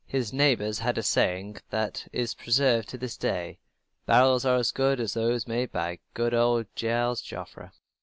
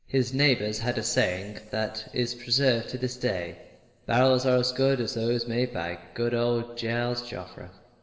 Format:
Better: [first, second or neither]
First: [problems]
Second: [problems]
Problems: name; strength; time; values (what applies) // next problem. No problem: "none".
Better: first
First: none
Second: room echo; dies away in 2.4 s